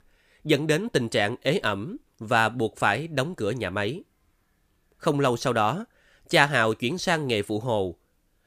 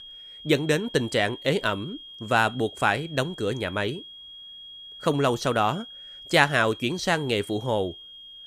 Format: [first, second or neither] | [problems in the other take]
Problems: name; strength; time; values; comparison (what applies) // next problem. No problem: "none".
first | high-pitched whine; noticeable; throughout; 3.5 kHz, 15 dB below the speech